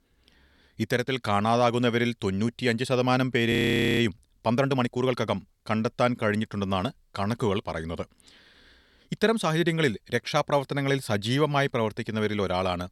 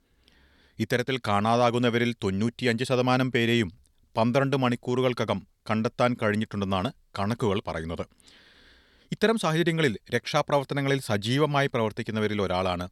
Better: second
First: audio freezing; at 3.5 s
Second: none

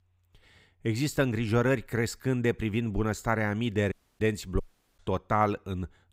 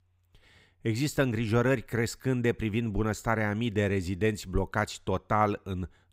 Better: second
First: audio cutting out; at 4 s and at 4.5 s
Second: none

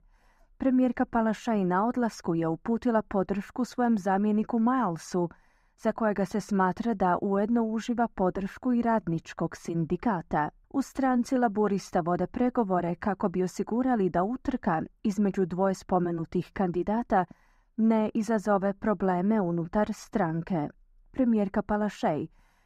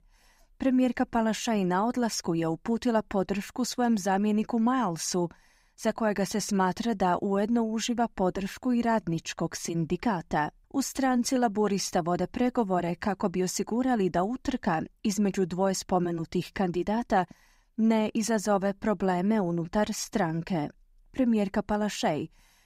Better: second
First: muffled; slightly; fading above 2 kHz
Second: none

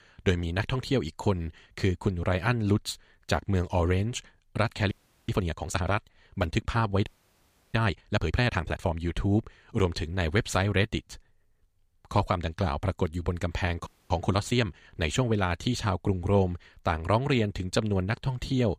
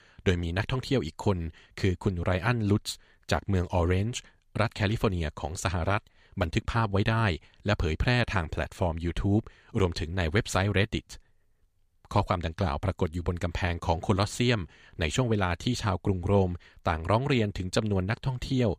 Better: second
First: audio freezing; at 5 s, at 7 s for 0.5 s and at 14 s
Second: none

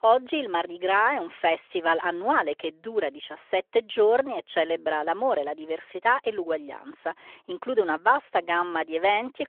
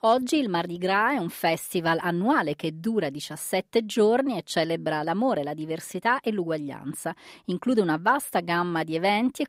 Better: second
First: phone-call audio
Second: none

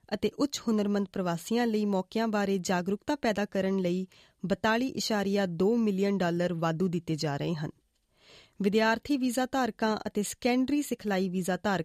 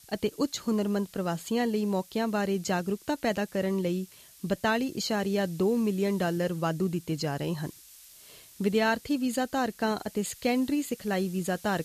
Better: first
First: none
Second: hiss; faint; throughout; 20 dB below the speech

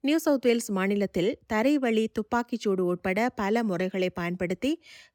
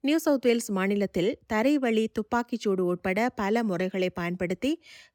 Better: neither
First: none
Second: none

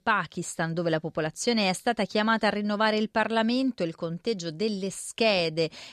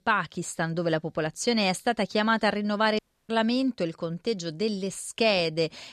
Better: first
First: none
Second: audio cutting out; at 3 s

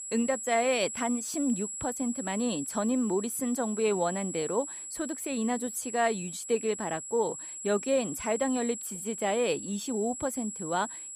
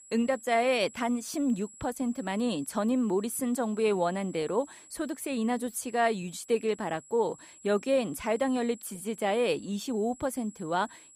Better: second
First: high-pitched whine; loud; throughout; 7.5 kHz, 7 dB below the speech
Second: high-pitched whine; faint; throughout; 7.5 kHz, 20 dB below the speech

